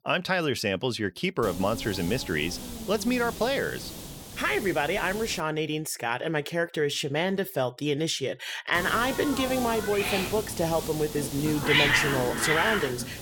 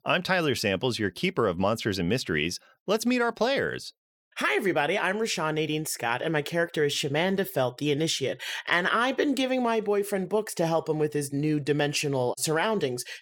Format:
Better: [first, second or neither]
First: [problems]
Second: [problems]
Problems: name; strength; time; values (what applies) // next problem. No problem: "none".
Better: second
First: hiss; loud; from 1.5 to 5.5 s and from 9 s on; 3 dB below the speech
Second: none